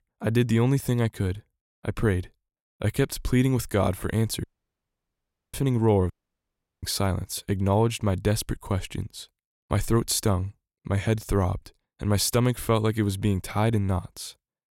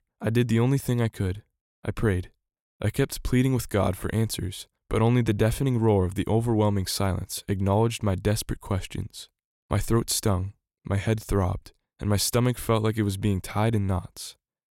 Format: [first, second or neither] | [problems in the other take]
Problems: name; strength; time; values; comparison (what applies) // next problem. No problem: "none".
second | audio cutting out; at 4.5 s for 1 s and at 6 s for 0.5 s